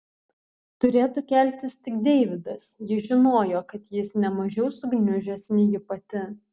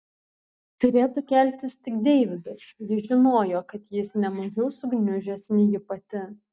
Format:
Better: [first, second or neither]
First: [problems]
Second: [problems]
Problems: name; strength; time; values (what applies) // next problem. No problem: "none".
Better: first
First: none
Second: noise reduction (neural mask model DeepFilterNet 3)